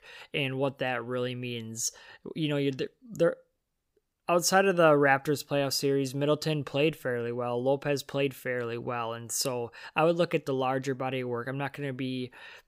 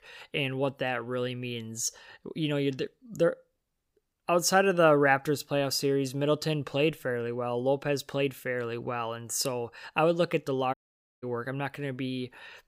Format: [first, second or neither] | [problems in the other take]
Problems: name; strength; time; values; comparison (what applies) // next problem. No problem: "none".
first | audio cutting out; at 11 s